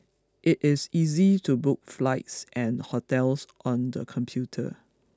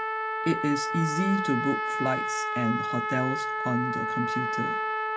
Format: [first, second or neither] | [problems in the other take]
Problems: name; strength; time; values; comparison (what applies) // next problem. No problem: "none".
first | background sound (Trumpet); 1 dB above the speech // room echo; dies away in 0.2 s